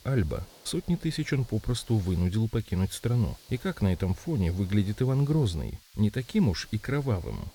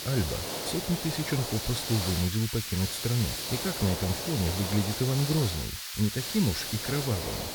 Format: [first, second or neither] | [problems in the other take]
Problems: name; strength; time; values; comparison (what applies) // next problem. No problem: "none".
first | hiss; loud; throughout; 2 dB below the speech; faint in the first